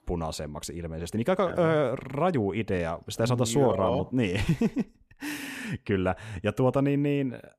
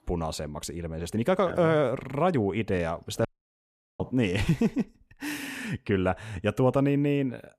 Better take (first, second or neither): first